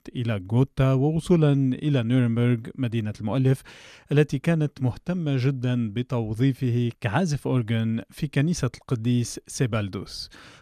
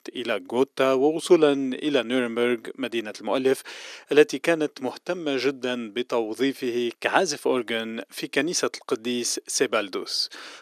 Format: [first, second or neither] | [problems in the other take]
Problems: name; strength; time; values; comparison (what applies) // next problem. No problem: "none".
first | thin; somewhat; fading below 350 Hz